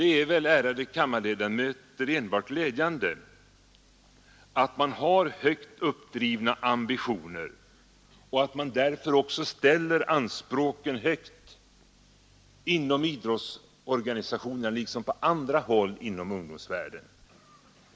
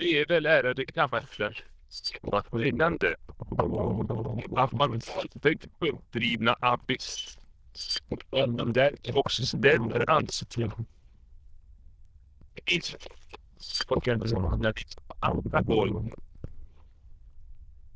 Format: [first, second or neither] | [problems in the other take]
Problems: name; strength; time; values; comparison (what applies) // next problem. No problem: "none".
first | noise reduction (neural diffusion model UNIVERSE++)